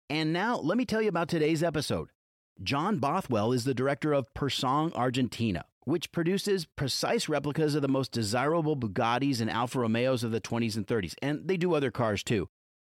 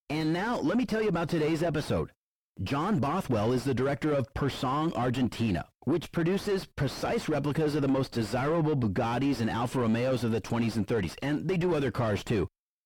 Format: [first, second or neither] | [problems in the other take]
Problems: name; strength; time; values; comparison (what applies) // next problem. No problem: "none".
first | distortion; heavy; 6 dB below the speech